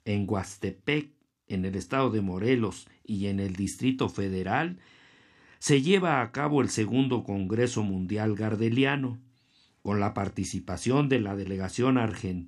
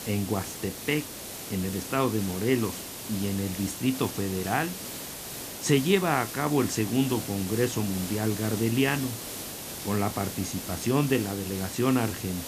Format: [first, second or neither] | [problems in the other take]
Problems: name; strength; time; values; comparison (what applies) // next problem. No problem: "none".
first | hiss; loud; throughout; 8 dB below the speech